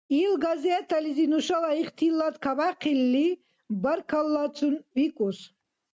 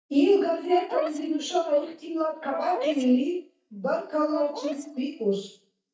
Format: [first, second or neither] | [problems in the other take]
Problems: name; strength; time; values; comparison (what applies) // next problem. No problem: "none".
first | noise reduction (neural mask model DeepFilterNet 3)